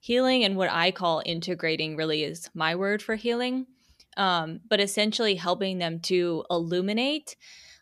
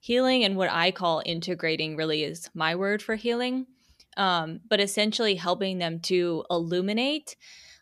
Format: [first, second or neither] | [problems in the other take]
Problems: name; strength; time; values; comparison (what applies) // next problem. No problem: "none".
neither | none